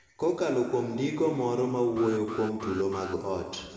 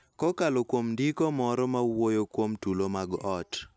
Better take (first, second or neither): second